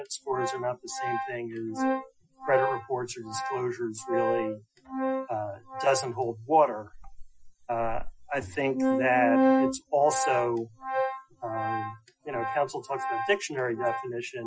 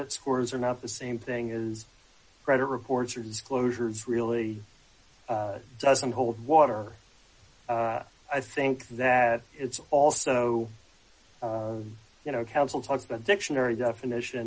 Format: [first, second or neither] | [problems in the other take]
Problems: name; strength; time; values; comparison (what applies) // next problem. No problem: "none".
second | noise reduction (classical method Wiener filter)